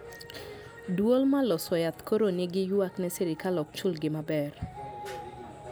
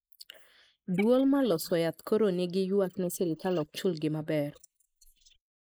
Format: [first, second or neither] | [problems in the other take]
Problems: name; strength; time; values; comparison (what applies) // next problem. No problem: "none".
first | noise reduction (neural mask model Resemble Enhance denoiser)